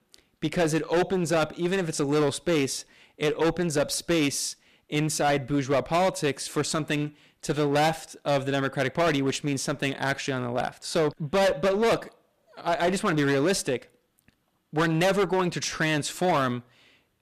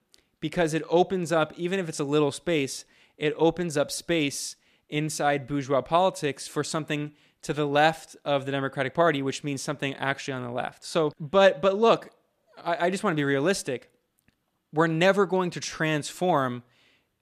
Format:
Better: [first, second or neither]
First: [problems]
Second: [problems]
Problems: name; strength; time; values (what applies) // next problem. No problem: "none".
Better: second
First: distortion; heavy; 13% of the sound clipped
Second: none